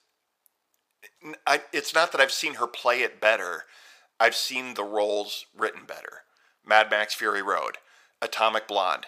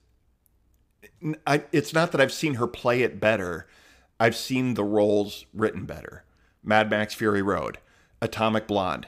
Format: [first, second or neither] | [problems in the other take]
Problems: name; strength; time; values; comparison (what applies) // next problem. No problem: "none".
second | thin; very; fading below 800 Hz